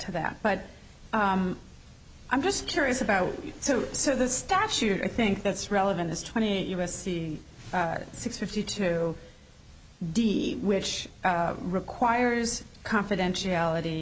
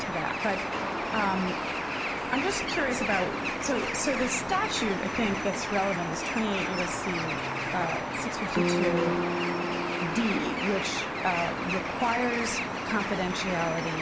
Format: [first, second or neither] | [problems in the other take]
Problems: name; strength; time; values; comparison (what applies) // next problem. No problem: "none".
first | background sound (Bird + Electric guitar / Strum); 1 dB above the speech